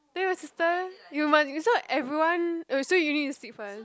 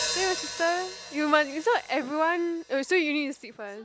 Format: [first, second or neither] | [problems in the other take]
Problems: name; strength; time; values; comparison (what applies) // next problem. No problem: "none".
first | background sound (Hi-hat); 10 dB below the speech